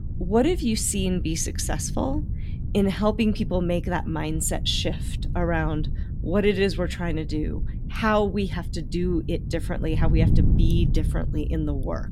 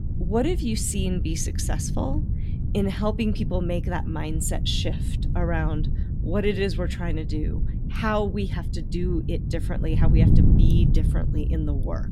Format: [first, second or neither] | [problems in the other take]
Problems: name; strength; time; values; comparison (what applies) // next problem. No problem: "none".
first | wind noise on the microphone; heavy; 8 dB below the speech; occasional gusts in the first